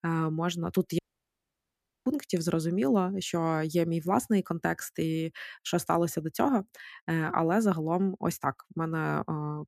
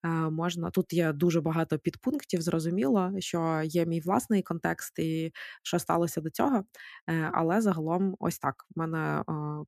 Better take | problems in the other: second | audio cutting out; at 1 s for 1 s

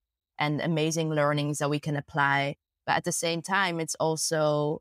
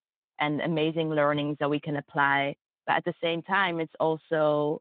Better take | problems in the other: first | phone-call audio

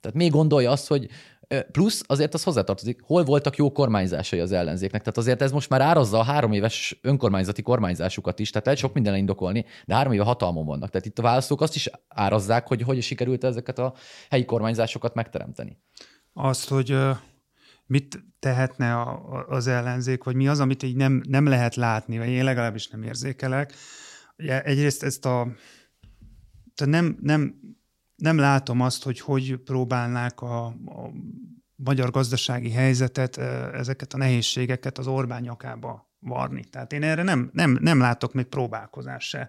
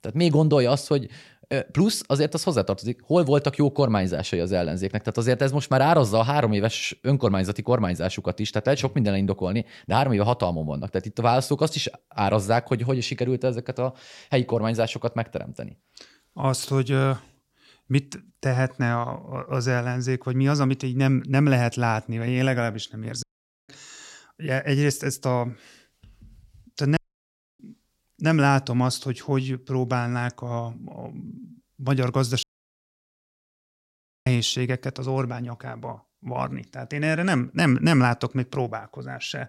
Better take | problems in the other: first | audio cutting out; at 23 s, at 27 s for 0.5 s and at 32 s for 2 s

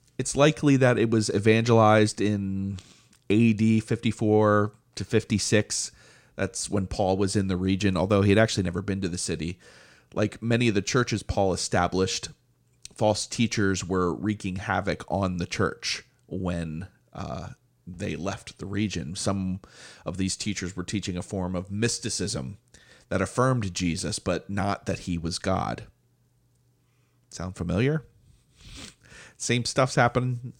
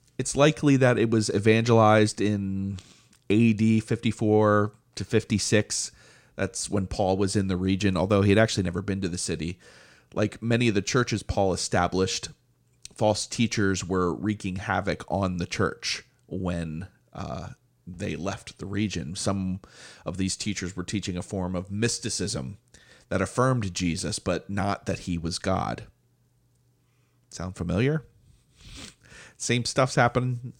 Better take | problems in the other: neither | none

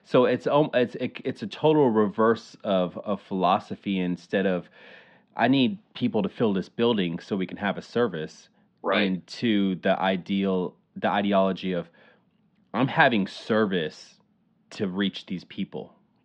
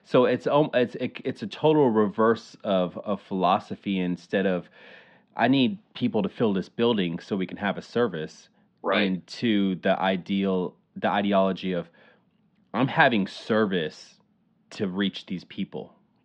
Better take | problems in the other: neither | muffled; very; fading above 3.5 kHz; the same in both

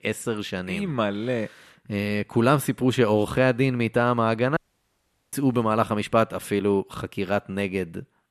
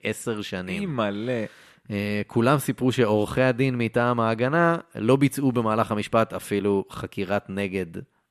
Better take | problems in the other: second | audio cutting out; at 4.5 s for 1 s

